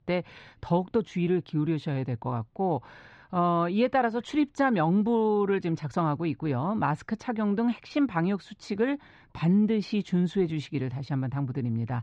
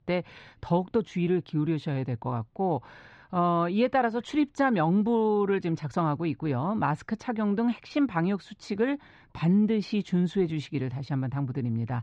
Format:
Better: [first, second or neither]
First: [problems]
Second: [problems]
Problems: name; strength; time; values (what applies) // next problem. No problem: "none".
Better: neither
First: muffled; slightly; fading above 4 kHz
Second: muffled; slightly; fading above 4 kHz